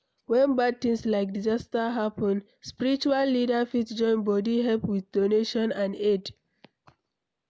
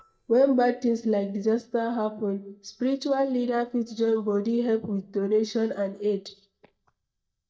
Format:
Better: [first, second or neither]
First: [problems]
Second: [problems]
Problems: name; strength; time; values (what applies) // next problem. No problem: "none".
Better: first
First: none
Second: noise reduction (neural mask model DeepFilterNet 3)